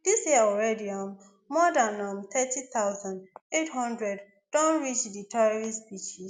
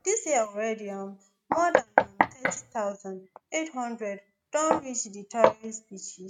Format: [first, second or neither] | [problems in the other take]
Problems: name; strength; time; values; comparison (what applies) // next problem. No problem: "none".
first | noise reduction (neural mask model RNNoise)